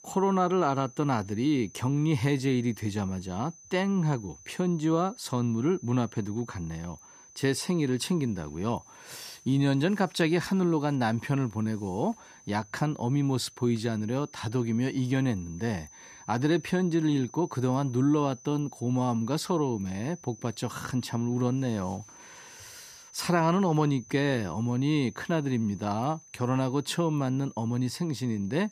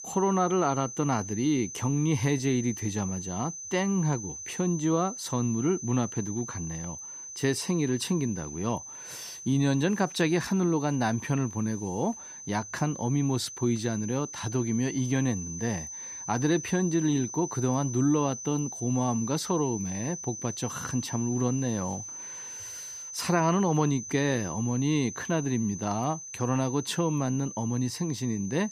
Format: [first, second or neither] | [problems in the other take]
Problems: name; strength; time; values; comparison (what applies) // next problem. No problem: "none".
first | high-pitched whine; loud; throughout; 6 kHz, 9 dB below the speech; faint in the first